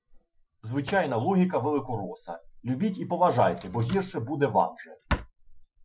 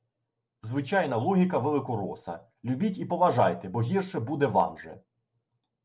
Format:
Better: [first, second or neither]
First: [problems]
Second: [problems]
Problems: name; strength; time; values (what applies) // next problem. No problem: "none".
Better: second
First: noise reduction (classical method Wiener filter)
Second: none